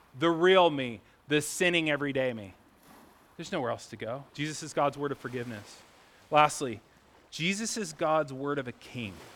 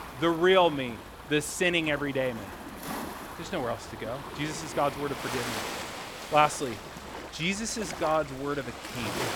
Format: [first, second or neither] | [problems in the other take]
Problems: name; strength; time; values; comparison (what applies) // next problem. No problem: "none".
first | rain or running water; loud; throughout; 10 dB below the speech; faint in the first